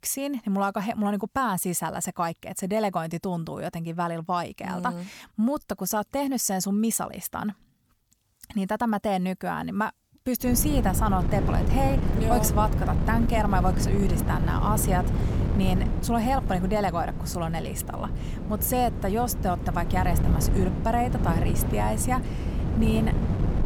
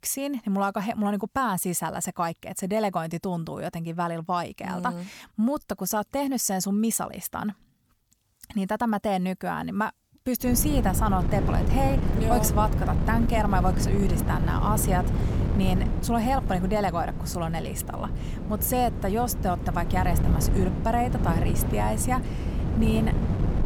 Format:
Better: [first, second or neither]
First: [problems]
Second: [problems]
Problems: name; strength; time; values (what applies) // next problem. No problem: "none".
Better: neither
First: wind noise on the microphone; heavy; from 10 s on; 8 dB below the speech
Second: wind noise on the microphone; heavy; from 10 s on; 8 dB below the speech